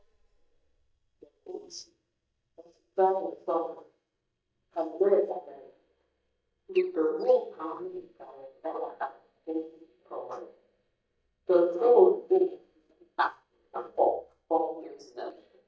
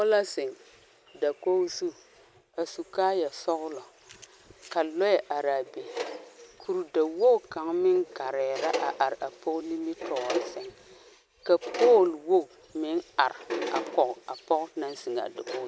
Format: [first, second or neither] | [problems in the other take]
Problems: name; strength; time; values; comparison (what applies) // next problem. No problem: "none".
second | noise reduction (neural mask model DeepFilterNet 3)